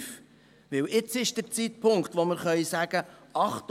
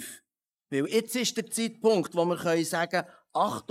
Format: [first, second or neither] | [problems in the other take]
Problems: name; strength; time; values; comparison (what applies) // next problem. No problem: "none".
first | noise reduction (neural mask model Resemble Enhance denoiser)